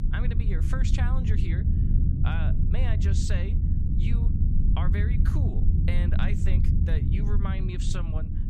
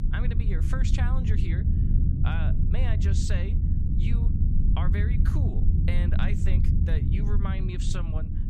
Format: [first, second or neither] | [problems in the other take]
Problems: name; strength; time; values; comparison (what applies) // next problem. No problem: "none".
neither | low rumble; loud; throughout; 1 dB below the speech; the same in both